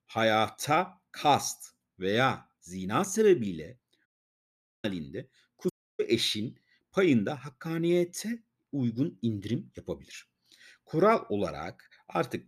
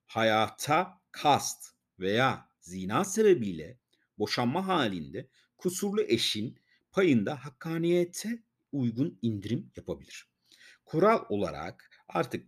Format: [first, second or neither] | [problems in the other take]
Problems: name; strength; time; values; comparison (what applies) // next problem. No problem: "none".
second | audio cutting out; at 4 s for 1 s and at 5.5 s